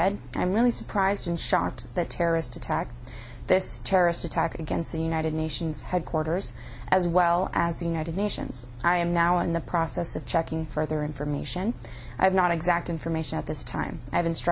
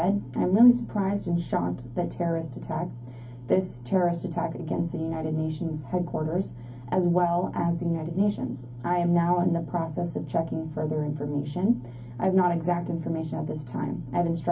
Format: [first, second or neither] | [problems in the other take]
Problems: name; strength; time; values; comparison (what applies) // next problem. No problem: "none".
first | room echo; dies away in 0.3 s